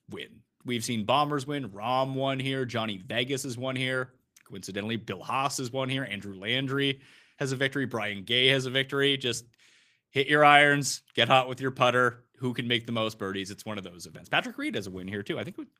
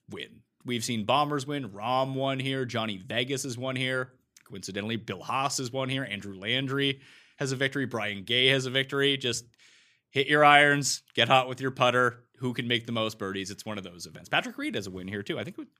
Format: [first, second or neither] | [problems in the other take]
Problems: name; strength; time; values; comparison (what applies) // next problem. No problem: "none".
second | garbled, watery; slightly; nothing above 15 kHz